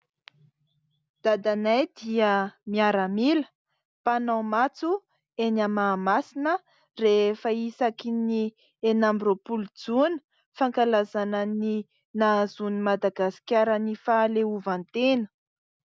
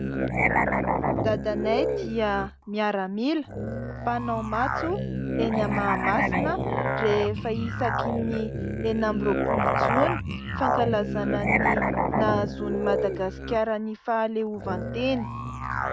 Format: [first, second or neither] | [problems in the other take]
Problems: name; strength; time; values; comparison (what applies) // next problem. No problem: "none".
first | background sound (Musical instrument); 1 dB above the speech